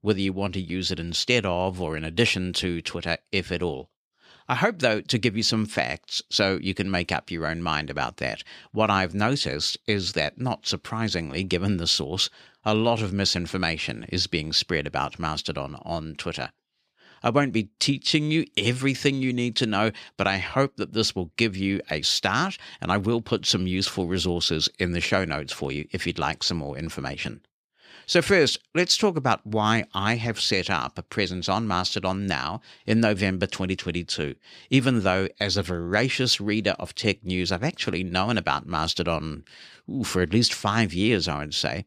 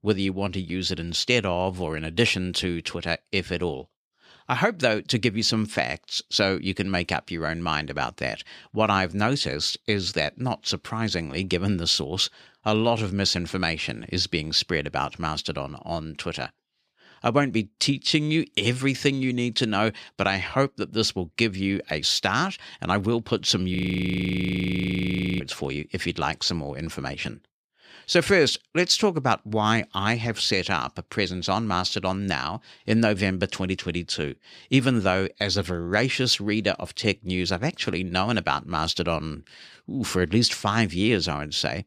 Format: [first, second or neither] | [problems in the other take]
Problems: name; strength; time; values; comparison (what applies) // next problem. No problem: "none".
first | audio freezing; at 24 s for 1.5 s